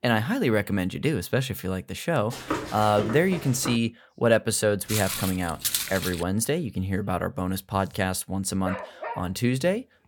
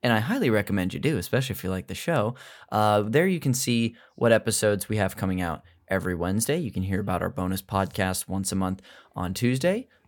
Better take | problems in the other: second | footsteps; noticeable; from 2.5 to 4 s; peak 5 dB below the speech // footsteps; loud; from 5 to 6 s; peak 1 dB above the speech // dog barking; noticeable; at 8.5 s; peak 9 dB below the speech

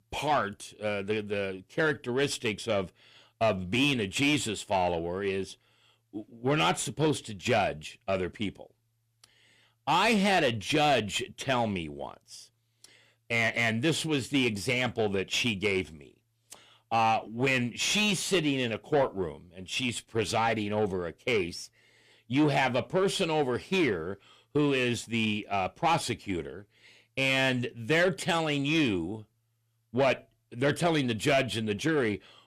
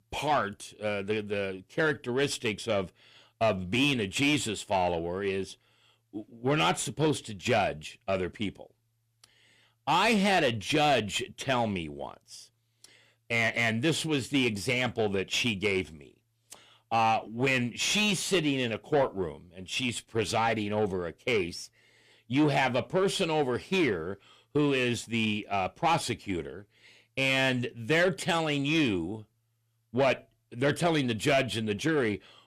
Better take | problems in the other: neither | distortion; slight; 10 dB below the speech; the same in both

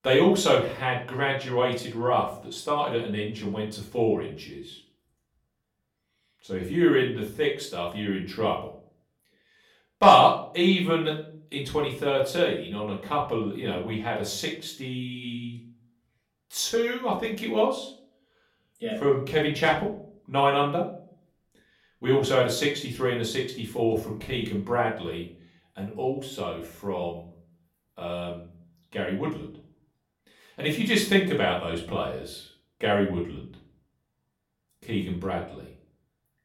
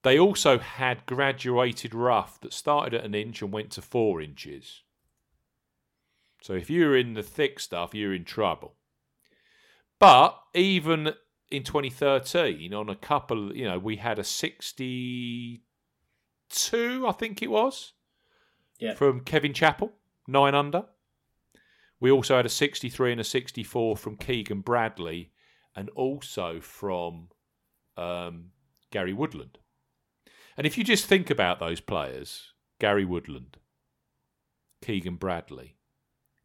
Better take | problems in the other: second | off-mic speech; far // room echo; slight; dies away in 0.4 s

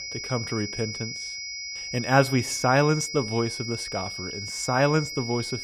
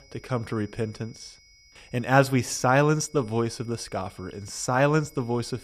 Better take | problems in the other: second | high-pitched whine; loud; throughout; 5 kHz, 7 dB below the speech; faint in the second

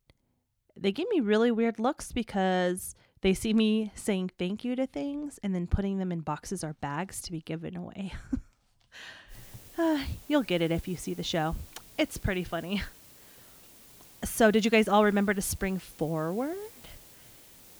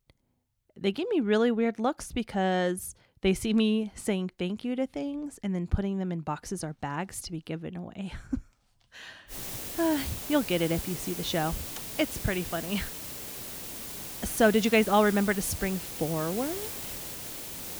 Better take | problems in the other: first | hiss; loud; from 9.5 s on; 7 dB below the speech; faint in the first

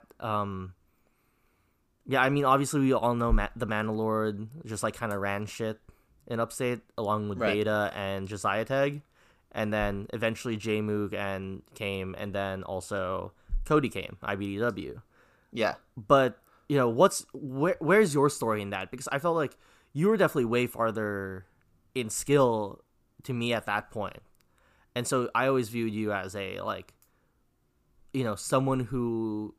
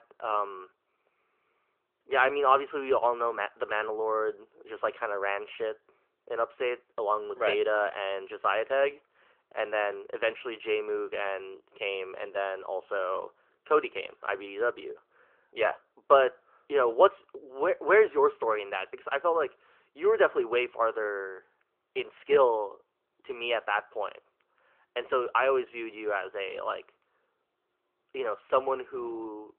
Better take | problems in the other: first | phone-call audio

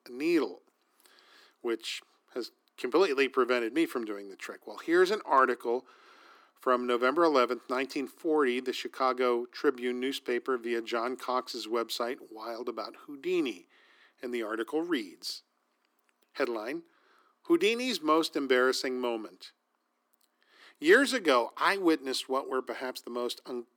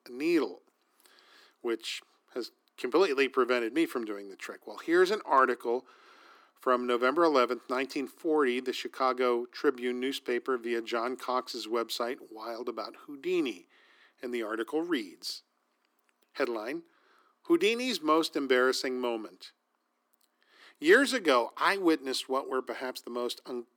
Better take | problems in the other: neither | thin; somewhat; fading below 300 Hz; the same in both

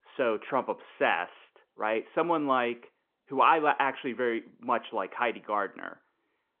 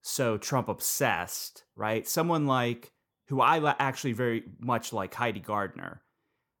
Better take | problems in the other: second | phone-call audio

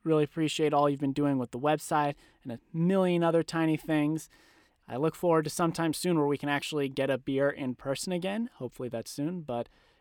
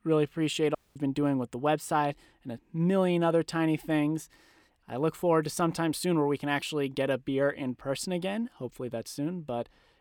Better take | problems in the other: first | audio cutting out; at 1 s

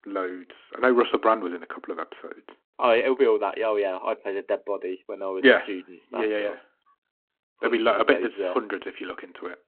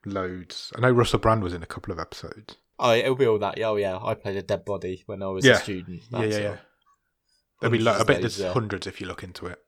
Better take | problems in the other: second | phone-call audio

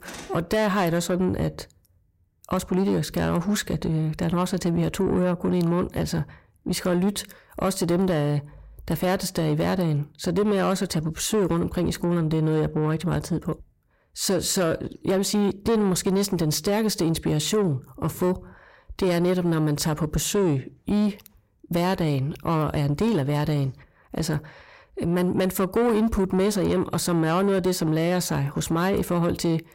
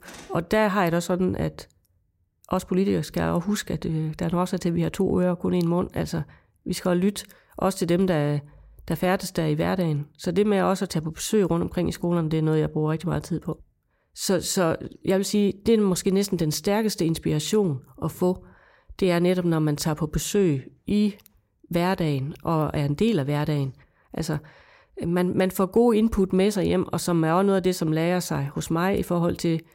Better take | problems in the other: second | distortion; slight; 10 dB below the speech

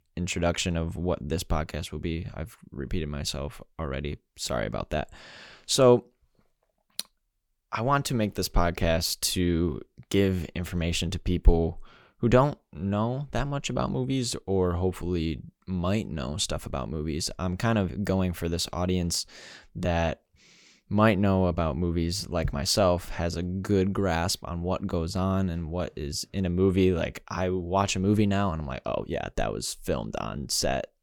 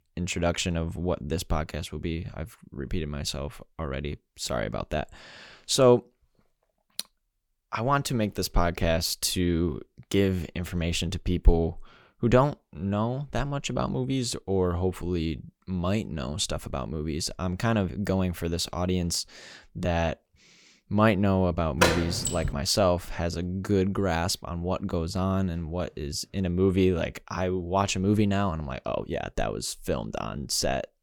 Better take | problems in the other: first | door banging; loud; at 22 s; peak 4 dB above the speech

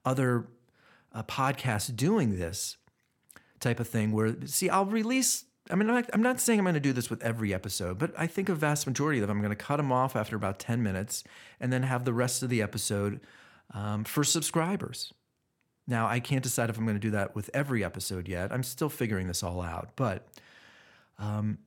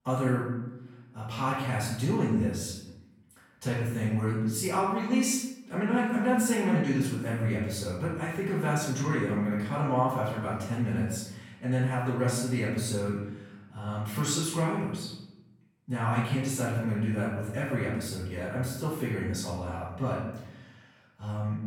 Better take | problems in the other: first | off-mic speech; far // room echo; noticeable; dies away in 0.8 s

